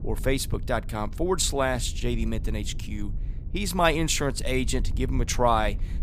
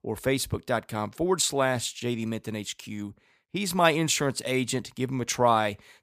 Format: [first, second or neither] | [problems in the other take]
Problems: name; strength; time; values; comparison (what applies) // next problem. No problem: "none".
second | low rumble; faint; throughout; 25 dB below the speech